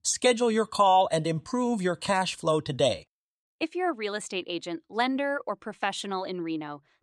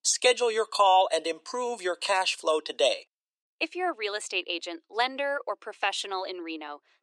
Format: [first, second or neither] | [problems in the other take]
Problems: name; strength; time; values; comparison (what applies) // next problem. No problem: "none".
first | thin; very; fading below 350 Hz